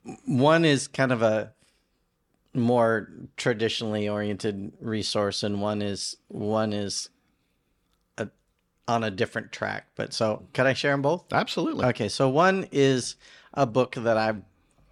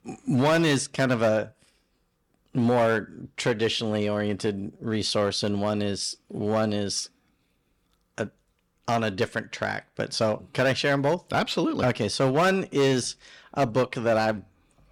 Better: first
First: none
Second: distortion; slight; 5% of the sound clipped

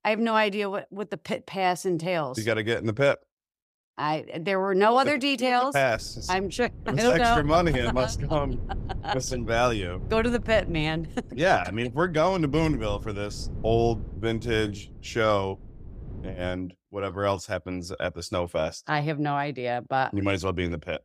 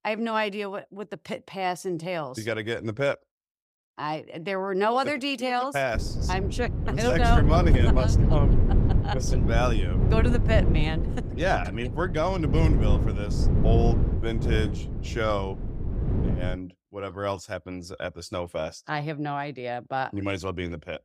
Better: first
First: wind noise on the microphone; occasional gusts; from 6 to 17 s; 25 dB below the speech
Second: wind noise on the microphone; heavy; from 6 to 17 s; 7 dB below the speech

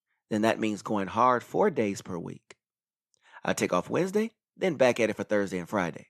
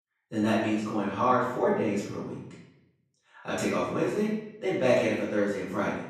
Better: first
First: none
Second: off-mic speech; far // room echo; noticeable; dies away in 0.8 s

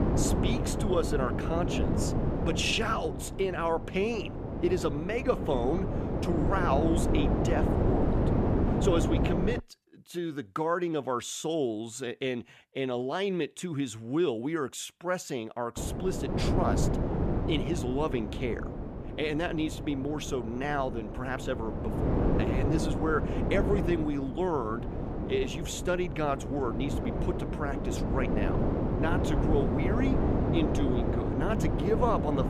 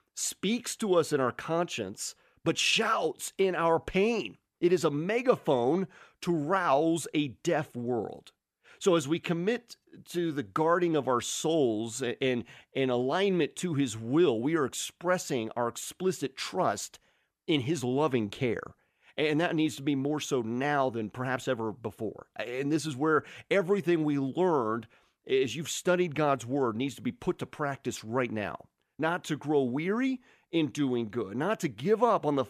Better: second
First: wind noise on the microphone; heavy; until 9.5 s and from 16 s on; 3 dB below the speech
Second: none

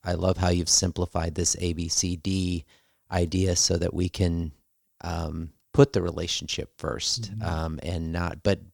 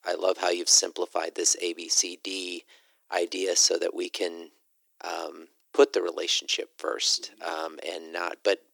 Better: first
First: none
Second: thin; very; fading below 300 Hz

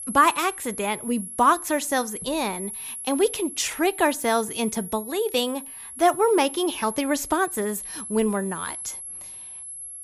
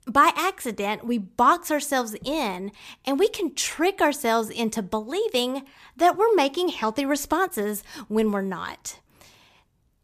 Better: second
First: high-pitched whine; loud; throughout; 11 kHz, 10 dB below the speech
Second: none

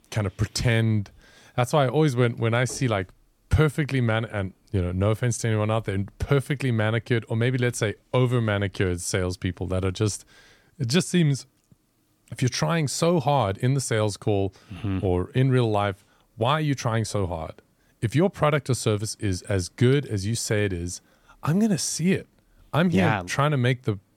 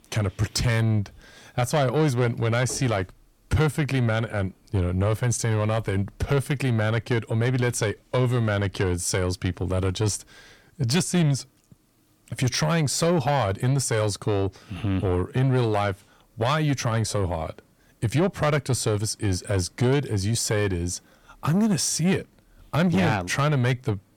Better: first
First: none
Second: distortion; slight; 10 dB below the speech

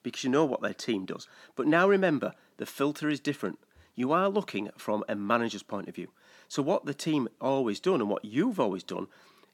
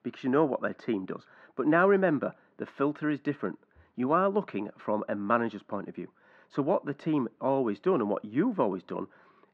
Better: first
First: none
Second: muffled; very; fading above 1.5 kHz

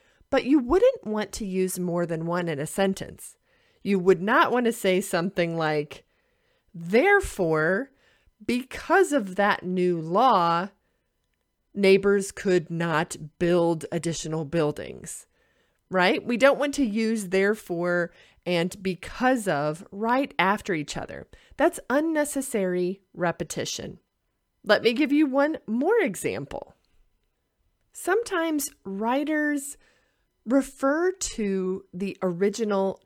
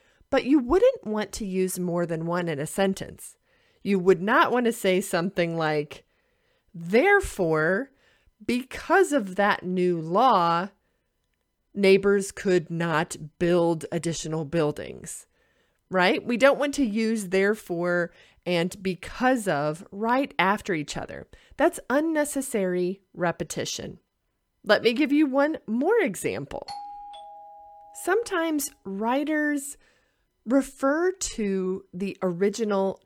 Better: first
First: none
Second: doorbell; faint; from 27 to 28 s; peak 15 dB below the speech

